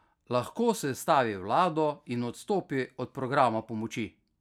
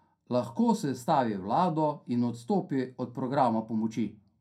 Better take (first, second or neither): first